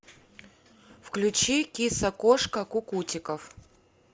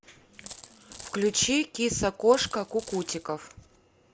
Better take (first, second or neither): first